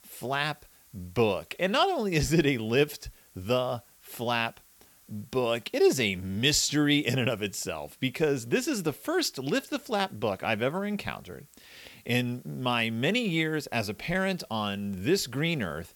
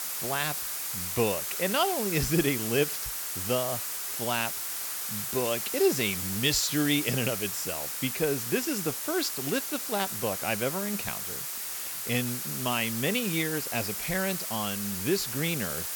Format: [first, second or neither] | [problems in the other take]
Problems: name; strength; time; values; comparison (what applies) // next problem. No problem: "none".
first | hiss; loud; throughout; 1 dB below the speech; faint in the first